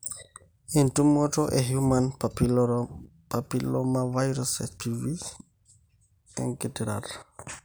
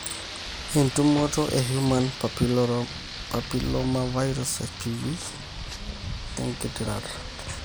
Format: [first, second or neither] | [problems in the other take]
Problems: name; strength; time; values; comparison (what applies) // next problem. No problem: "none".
first | background sound (Rain); 9 dB below the speech